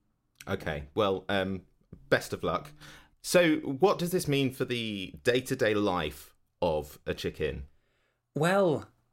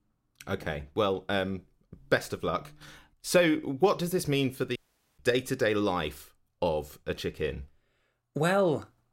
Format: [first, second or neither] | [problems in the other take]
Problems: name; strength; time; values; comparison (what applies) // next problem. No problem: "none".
first | audio cutting out; at 5 s